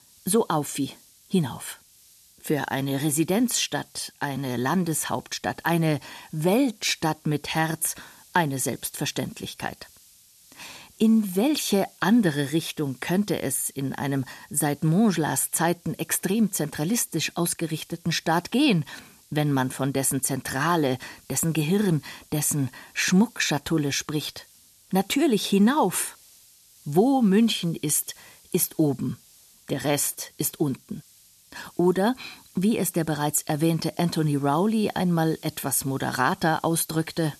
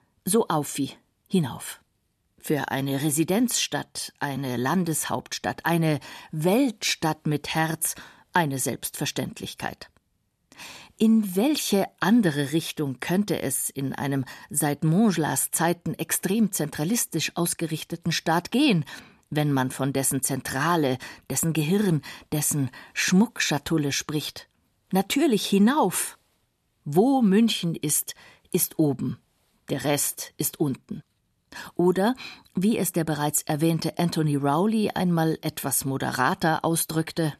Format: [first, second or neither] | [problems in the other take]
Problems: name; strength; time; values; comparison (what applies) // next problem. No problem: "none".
second | hiss; faint; throughout; 25 dB below the speech